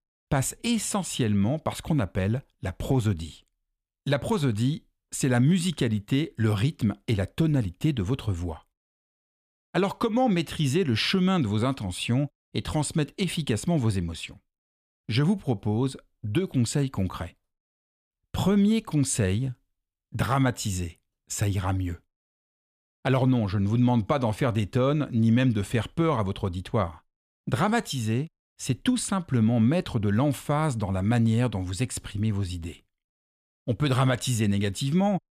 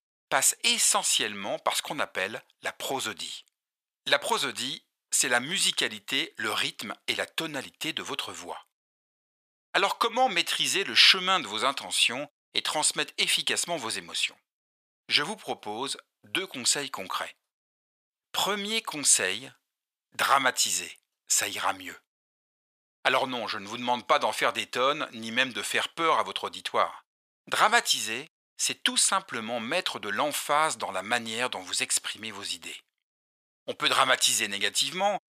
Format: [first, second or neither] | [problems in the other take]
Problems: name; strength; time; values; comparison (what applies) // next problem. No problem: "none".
first | thin; very; fading below 850 Hz